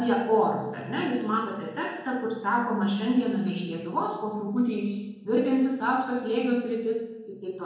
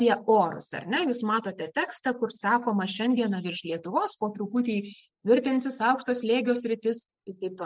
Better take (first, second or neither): second